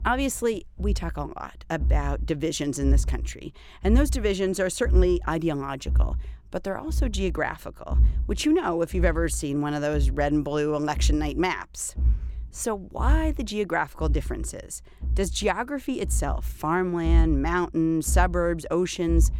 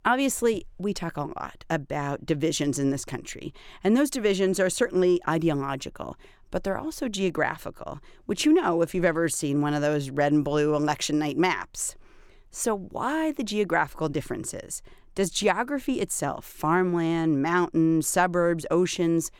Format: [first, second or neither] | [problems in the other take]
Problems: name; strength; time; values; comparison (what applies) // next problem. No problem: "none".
second | low rumble; faint; throughout; 20 dB below the speech